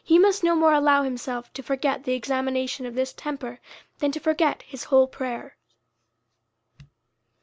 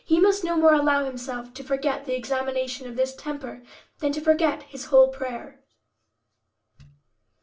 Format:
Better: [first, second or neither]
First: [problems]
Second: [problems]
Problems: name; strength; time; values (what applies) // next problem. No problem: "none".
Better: first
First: none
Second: room echo; dies away in 0.3 s